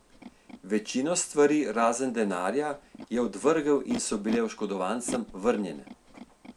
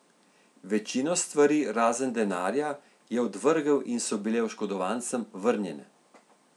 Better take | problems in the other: second | background sound (Animal); 15 dB below the speech

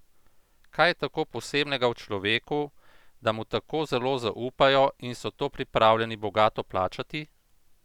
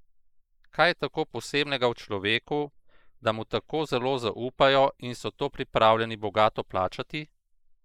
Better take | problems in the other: first | noise reduction (neural mask model Resemble Enhance denoiser)

